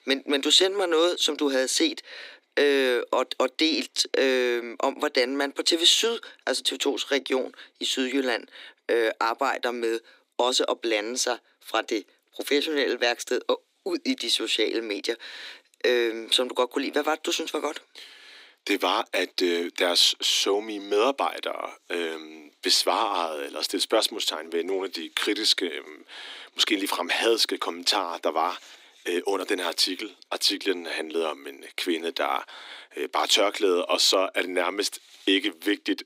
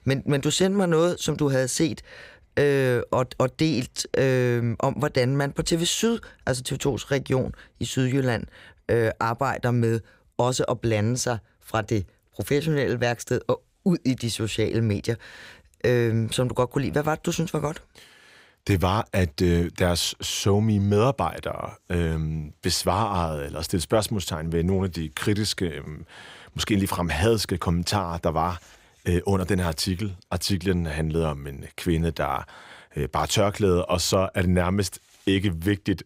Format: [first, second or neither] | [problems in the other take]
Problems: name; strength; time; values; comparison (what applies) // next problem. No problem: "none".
second | thin; somewhat; fading below 250 Hz